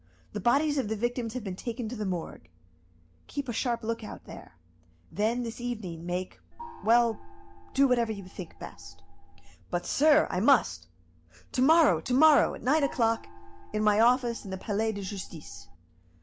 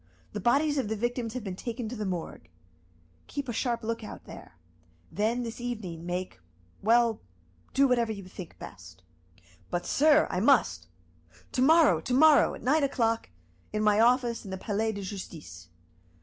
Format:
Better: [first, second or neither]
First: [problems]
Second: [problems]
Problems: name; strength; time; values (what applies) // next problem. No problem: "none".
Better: second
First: background sound (Gong); 15 dB below the speech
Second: none